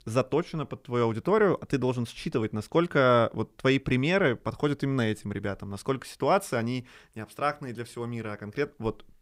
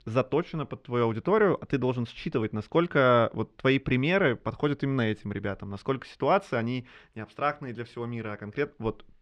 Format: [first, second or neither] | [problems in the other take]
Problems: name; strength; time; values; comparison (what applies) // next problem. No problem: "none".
first | muffled; very slightly; fading above 3 kHz